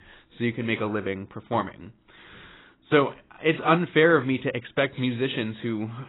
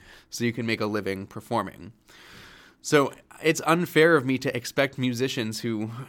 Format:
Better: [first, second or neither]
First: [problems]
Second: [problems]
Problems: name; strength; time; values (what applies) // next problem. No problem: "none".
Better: second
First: garbled, watery; badly; nothing above 4 kHz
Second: none